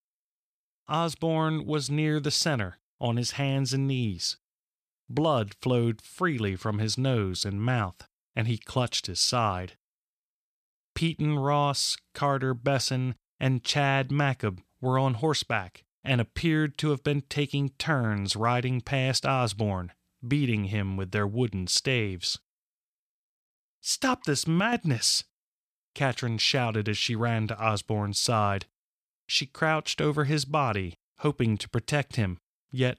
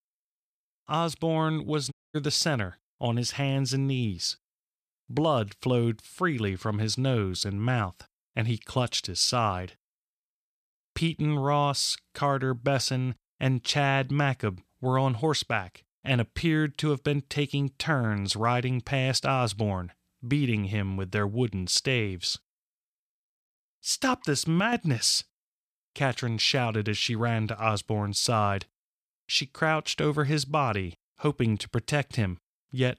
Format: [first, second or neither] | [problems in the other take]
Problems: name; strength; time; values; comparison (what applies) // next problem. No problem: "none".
first | audio cutting out; at 2 s